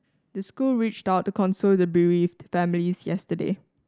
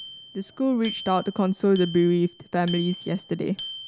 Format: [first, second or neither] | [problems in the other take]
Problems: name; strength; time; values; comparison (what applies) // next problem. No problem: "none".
first | background sound (Bicycle bell); 15 dB below the speech